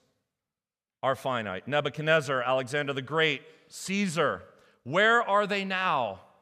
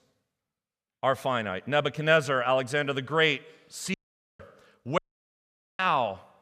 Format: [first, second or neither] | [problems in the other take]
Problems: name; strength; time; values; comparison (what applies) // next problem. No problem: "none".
first | audio cutting out; at 4 s and at 5 s for 1 s